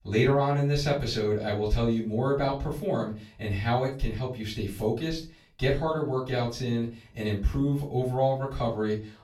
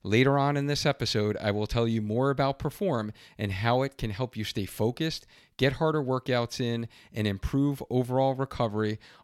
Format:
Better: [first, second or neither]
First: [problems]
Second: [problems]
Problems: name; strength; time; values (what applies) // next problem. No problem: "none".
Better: second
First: off-mic speech; far // room echo; slight; dies away in 0.3 s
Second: none